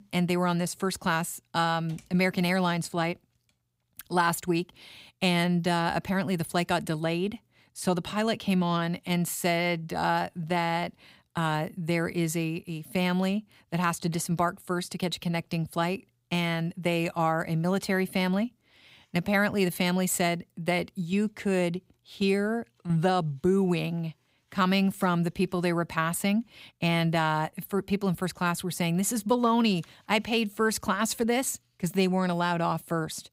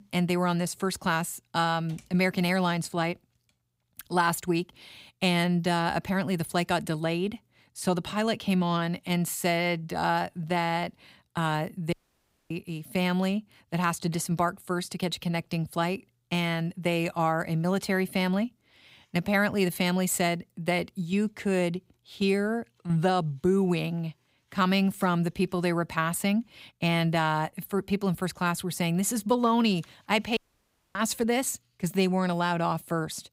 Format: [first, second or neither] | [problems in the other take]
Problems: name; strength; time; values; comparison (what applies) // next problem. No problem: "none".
first | audio cutting out; at 12 s for 0.5 s and at 30 s for 0.5 s